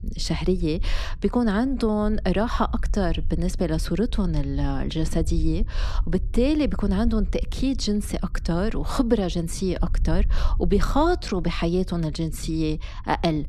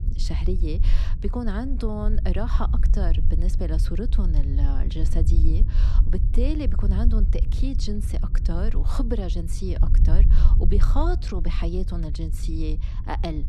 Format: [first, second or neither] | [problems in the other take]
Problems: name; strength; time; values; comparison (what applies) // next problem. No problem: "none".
first | low rumble; loud; throughout; 9 dB below the speech; faint in the first